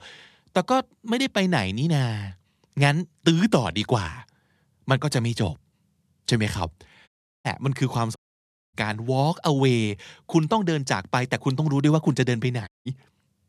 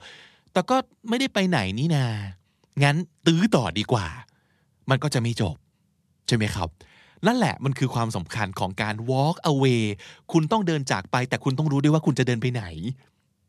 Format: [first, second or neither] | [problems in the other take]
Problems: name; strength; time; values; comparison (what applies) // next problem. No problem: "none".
second | audio cutting out; at 7 s, at 8 s for 0.5 s and at 13 s